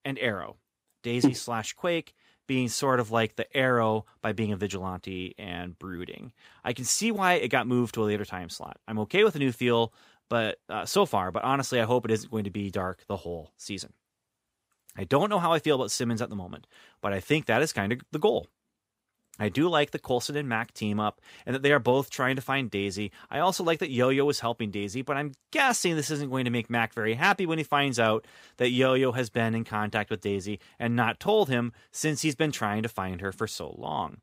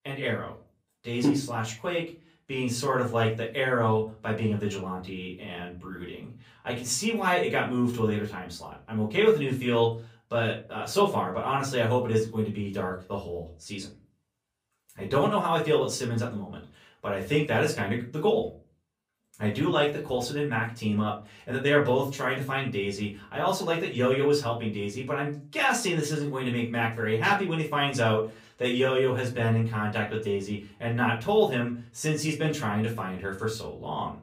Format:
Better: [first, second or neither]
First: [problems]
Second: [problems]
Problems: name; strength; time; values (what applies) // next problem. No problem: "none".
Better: first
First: none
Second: off-mic speech; far // room echo; very slight; dies away in 0.3 s